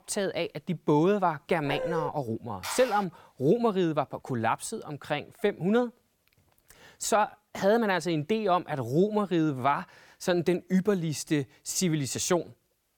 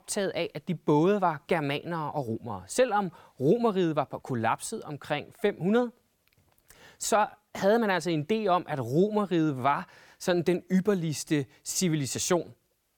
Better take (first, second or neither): second